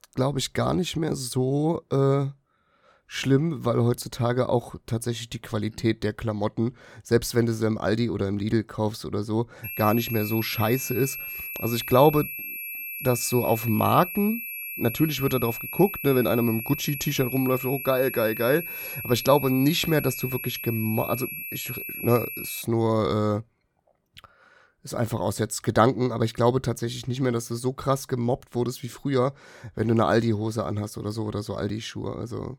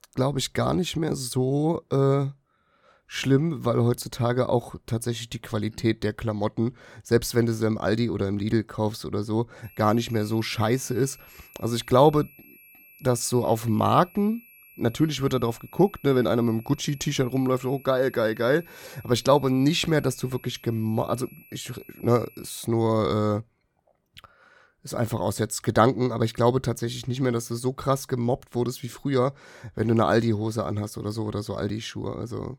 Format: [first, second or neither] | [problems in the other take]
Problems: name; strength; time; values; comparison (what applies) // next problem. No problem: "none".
second | high-pitched whine; loud; from 9.5 to 23 s; 2.5 kHz, 7 dB below the speech; faint in the second